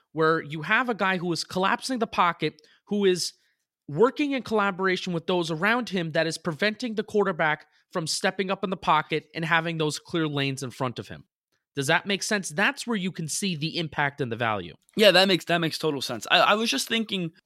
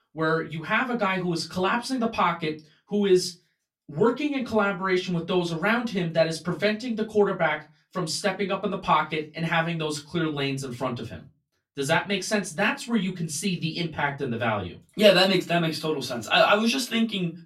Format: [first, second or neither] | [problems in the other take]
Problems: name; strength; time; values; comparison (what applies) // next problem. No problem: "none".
first | off-mic speech; far // room echo; very slight; dies away in 0.2 s